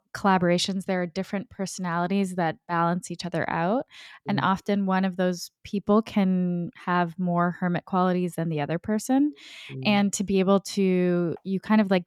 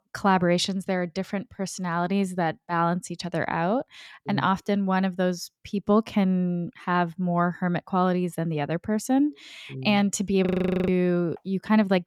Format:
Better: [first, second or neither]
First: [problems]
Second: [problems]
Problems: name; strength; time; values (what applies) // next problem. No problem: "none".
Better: first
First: none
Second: audio freezing; at 10 s